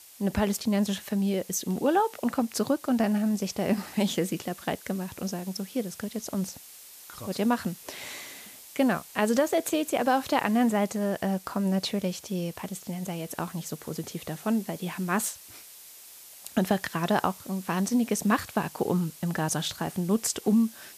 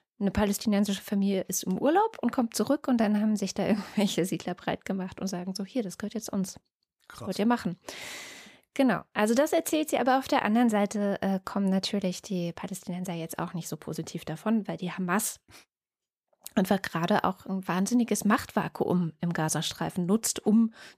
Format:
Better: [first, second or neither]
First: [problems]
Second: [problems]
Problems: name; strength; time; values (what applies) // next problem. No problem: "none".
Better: second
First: hiss; noticeable; throughout; 15 dB below the speech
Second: none